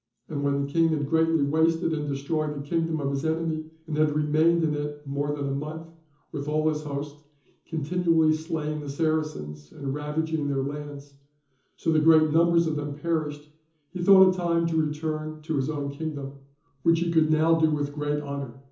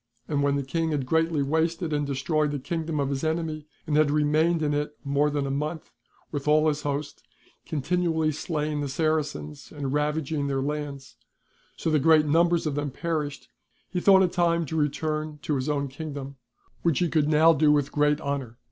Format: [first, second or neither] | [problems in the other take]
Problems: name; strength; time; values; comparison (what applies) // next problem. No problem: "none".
second | room echo; dies away in 0.6 s